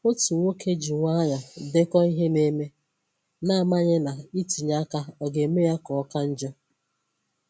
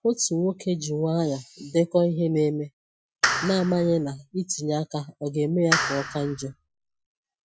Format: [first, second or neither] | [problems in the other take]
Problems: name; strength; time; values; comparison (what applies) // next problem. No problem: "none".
first | noise reduction (classical method Wiener filter)